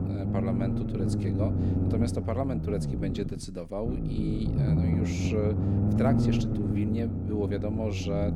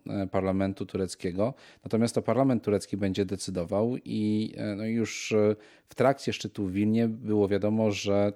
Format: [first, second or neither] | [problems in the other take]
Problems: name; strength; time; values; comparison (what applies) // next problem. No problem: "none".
second | low rumble; loud; throughout; 1 dB below the speech